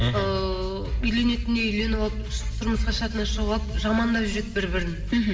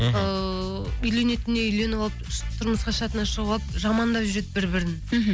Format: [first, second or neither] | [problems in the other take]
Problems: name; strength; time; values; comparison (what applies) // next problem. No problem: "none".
second | room echo; dies away in 1.6 s